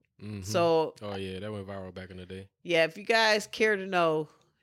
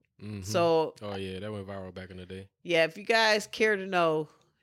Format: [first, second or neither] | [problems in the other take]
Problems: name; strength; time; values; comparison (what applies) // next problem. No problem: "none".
neither | none